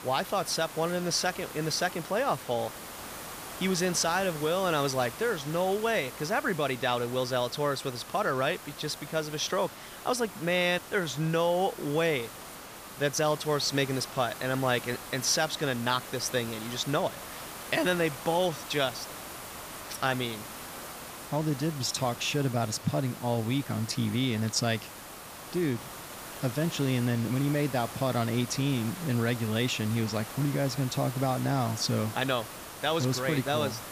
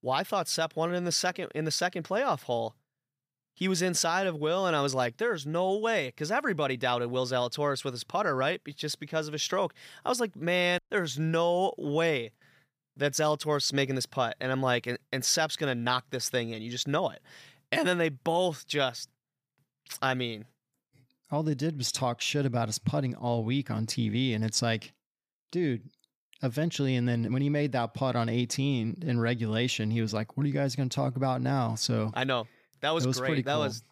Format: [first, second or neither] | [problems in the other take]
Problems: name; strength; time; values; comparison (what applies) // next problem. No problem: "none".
second | hiss; noticeable; throughout; 10 dB below the speech